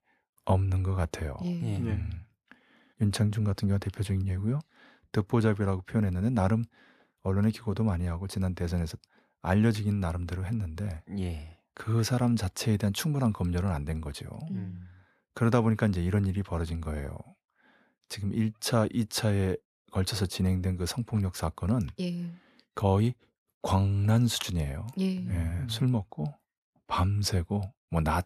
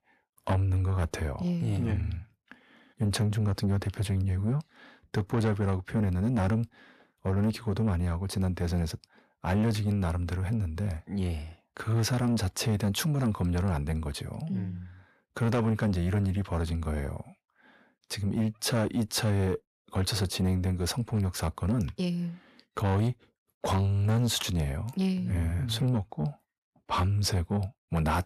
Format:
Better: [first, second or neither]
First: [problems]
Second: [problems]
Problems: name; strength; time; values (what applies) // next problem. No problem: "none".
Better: first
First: none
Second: distortion; slight; 10 dB below the speech